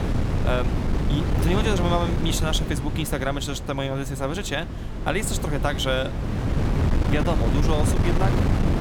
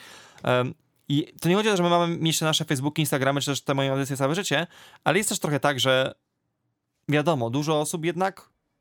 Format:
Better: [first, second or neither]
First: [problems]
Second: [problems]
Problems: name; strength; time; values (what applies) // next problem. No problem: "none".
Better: second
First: wind noise on the microphone; heavy; 5 dB below the speech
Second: none